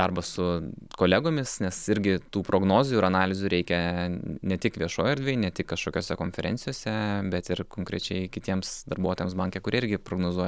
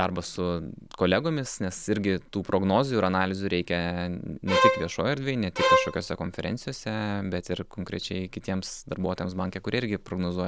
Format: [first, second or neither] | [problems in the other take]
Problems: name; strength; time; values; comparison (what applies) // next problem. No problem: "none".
first | background sound (Bowed string instrument); 4 dB above the speech